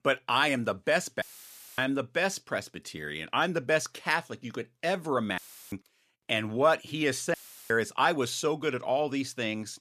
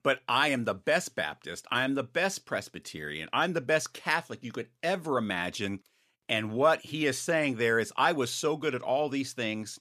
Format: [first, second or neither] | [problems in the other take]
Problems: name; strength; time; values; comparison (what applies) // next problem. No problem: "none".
second | audio cutting out; filled with static; at 1 s for 0.5 s, at 5.5 s and at 7.5 s